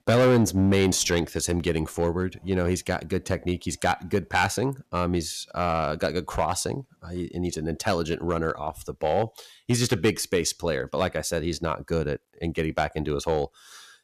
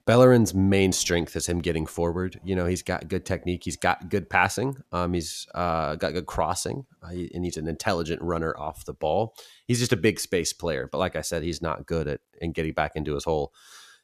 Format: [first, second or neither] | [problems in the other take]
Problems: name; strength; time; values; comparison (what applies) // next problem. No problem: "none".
second | distortion; slight; 3% of the sound clipped